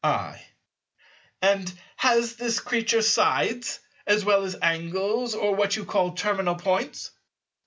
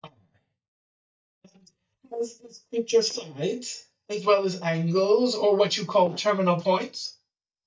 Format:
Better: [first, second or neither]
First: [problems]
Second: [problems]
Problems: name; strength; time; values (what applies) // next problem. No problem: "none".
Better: first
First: none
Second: noise reduction (neural mask model DeepFilterNet 3)